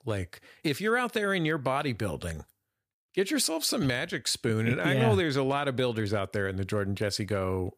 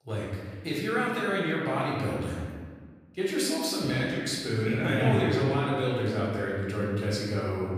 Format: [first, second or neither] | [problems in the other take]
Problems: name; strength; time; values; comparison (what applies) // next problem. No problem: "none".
first | room echo; noticeable; dies away in 1.5 s // off-mic speech; far